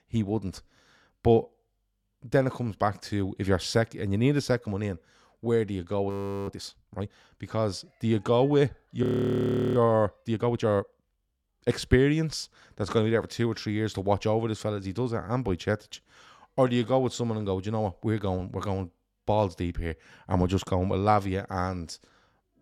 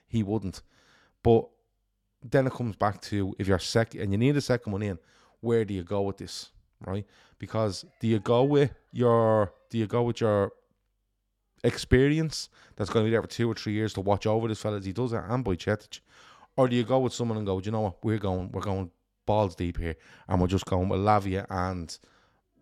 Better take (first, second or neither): second